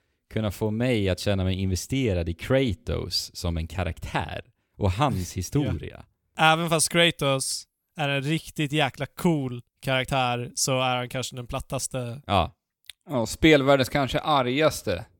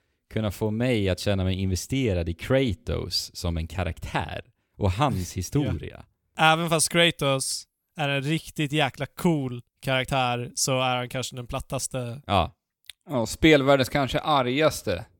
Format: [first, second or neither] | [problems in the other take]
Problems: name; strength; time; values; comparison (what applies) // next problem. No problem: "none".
neither | none